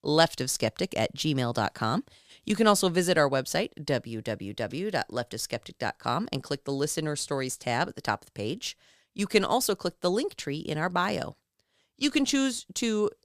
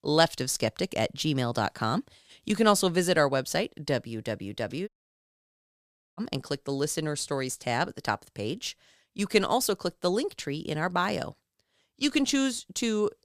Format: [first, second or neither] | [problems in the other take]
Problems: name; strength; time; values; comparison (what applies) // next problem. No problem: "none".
first | audio cutting out; at 5 s for 1.5 s